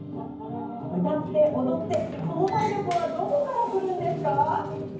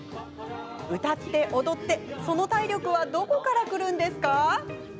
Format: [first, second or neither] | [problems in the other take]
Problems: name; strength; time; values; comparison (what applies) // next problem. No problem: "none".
second | background sound (Sliding door); 19 dB below the speech // room echo; dies away in 0.9 s